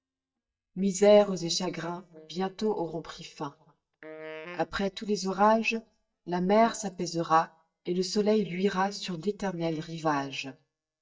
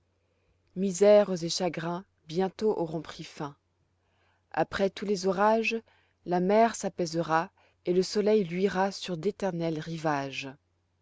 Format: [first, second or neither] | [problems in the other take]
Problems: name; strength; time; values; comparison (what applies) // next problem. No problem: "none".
second | noise reduction (neural mask model DeepFilterNet 3)